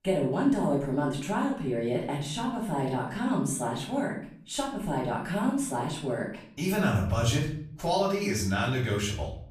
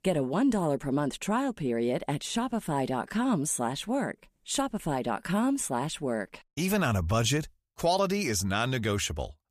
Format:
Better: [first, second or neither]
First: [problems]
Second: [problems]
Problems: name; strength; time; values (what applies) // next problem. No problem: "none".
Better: second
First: off-mic speech; far // room echo; noticeable; dies away in 0.5 s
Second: none